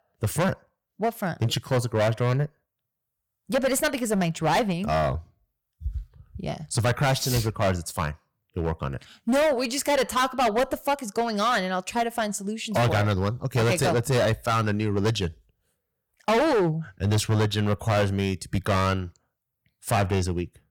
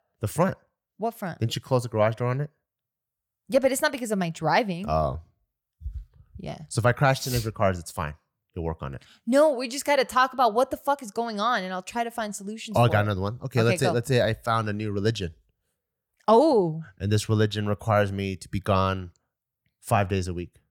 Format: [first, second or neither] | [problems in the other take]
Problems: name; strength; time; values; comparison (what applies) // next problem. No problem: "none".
second | distortion; heavy; 13% of the sound clipped